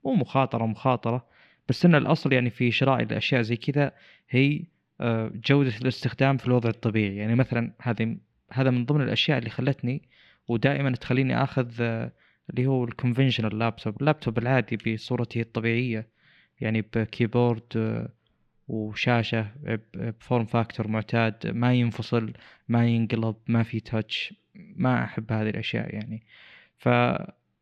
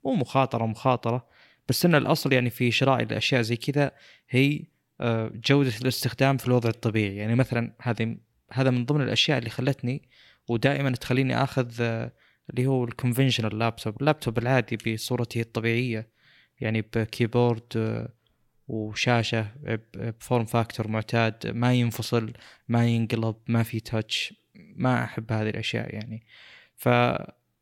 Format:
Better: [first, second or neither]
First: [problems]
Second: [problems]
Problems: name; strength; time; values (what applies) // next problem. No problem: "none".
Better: second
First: muffled; very slightly; fading above 3 kHz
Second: none